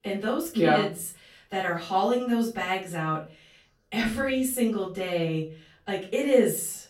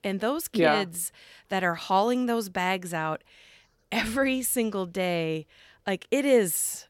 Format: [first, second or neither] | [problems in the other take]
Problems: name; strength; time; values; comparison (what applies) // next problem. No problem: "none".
second | off-mic speech; far // room echo; slight; dies away in 0.3 s